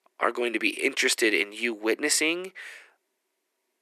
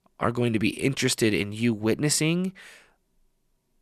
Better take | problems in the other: second | thin; very; fading below 300 Hz

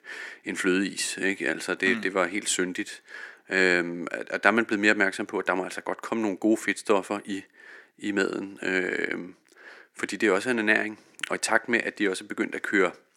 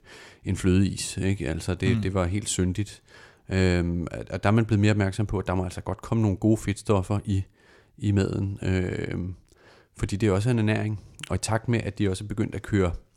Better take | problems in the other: second | thin; somewhat; fading below 250 Hz

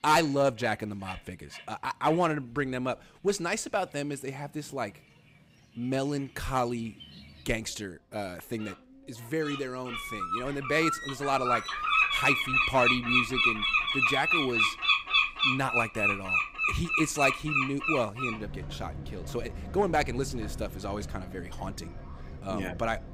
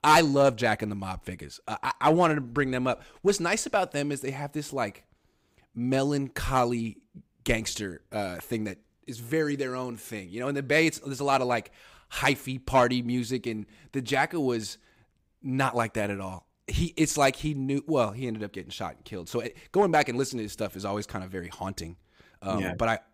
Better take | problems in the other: second | animal sounds; very loud; throughout; 5 dB above the speech

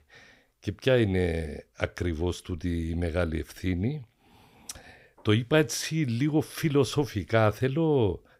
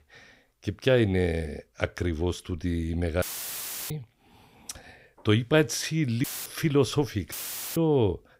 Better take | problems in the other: first | audio cutting out; filled with static; at 3 s for 0.5 s, at 6 s and at 7.5 s

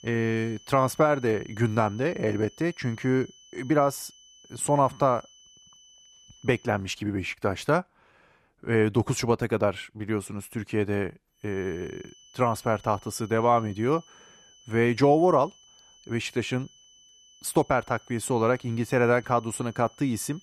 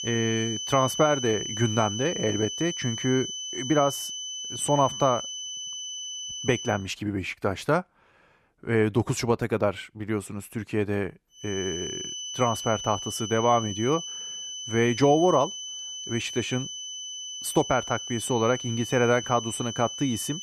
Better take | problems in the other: first | high-pitched whine; loud; until 6.5 s and from 11 s on; 3 kHz, 6 dB below the speech; faint in the first

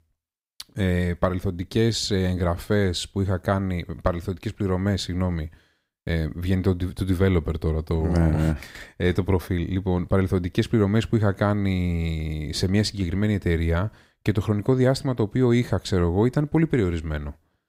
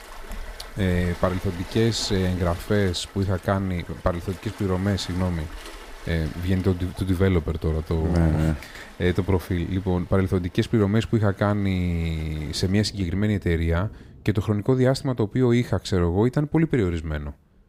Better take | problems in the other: first | rain or running water; noticeable; throughout; 20 dB below the speech

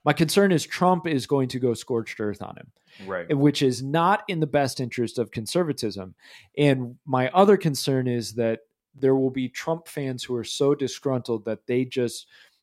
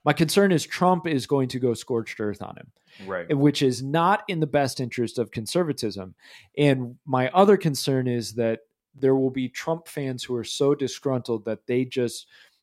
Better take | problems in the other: neither | none

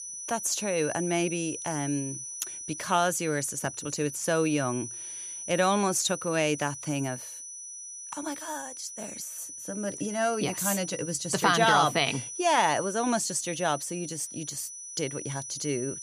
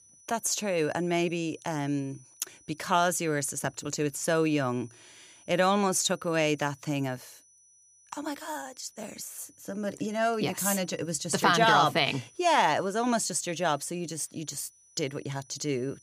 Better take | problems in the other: second | high-pitched whine; loud; throughout; 6 kHz, 9 dB below the speech; faint in the second

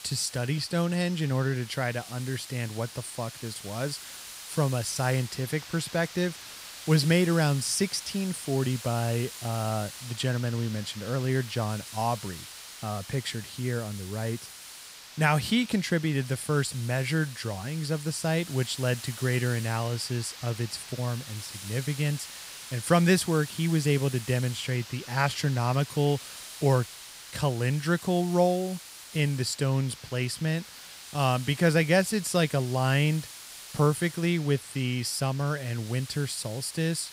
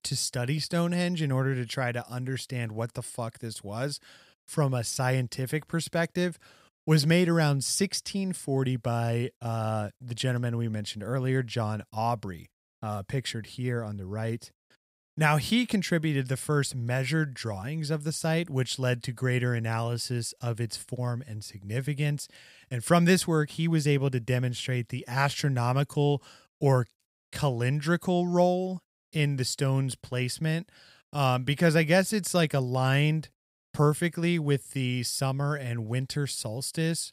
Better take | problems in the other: second | hiss; noticeable; throughout; 15 dB below the speech

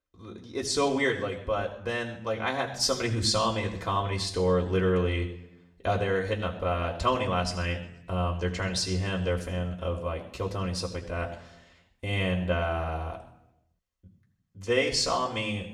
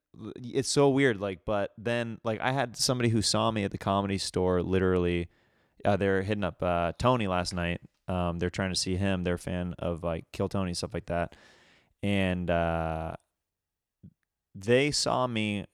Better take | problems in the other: second | room echo; slight; dies away in 0.7 s // off-mic speech; somewhat distant

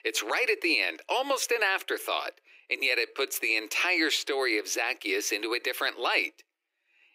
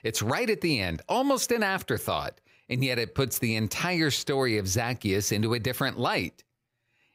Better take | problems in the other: second | thin; very; fading below 300 Hz

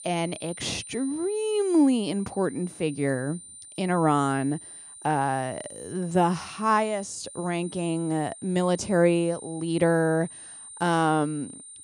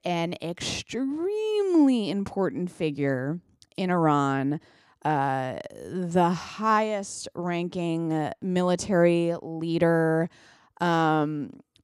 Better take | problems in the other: second | high-pitched whine; noticeable; throughout; 9 kHz, 15 dB below the speech

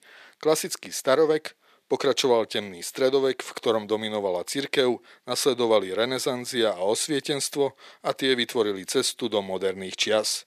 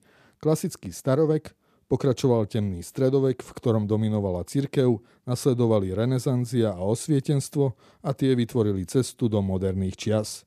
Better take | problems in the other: second | thin; somewhat; fading below 500 Hz

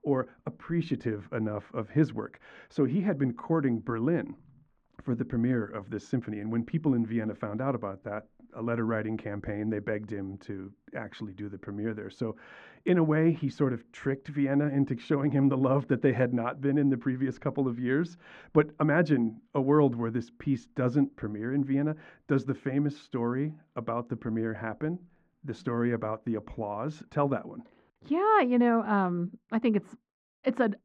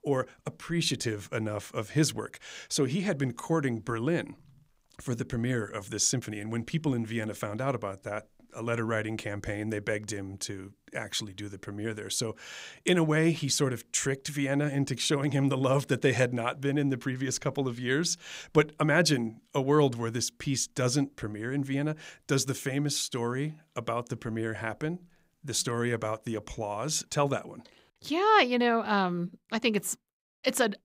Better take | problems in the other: second | muffled; very; fading above 1.5 kHz

